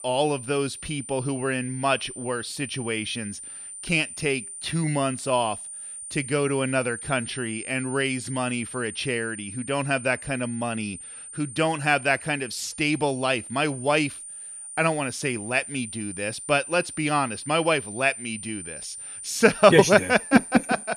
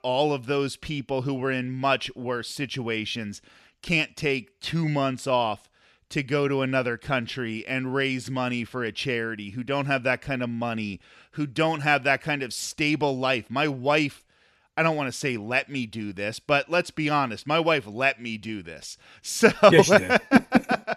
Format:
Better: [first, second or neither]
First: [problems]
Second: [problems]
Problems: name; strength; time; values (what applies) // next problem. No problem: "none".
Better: second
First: high-pitched whine; noticeable; throughout; 9 kHz, 10 dB below the speech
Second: none